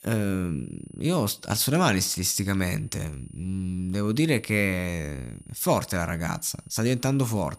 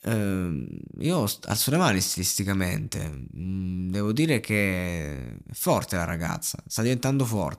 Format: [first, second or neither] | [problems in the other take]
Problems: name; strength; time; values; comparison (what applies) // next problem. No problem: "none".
second | high-pitched whine; faint; throughout; 9.5 kHz, 25 dB below the speech